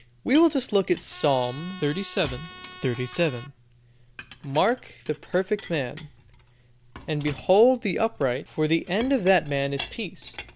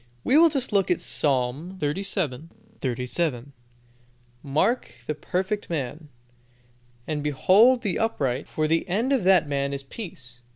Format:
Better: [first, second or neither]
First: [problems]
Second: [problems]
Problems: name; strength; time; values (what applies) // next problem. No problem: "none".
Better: second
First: background sound (Chink, clink + Trumpet); 18 dB below the speech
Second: none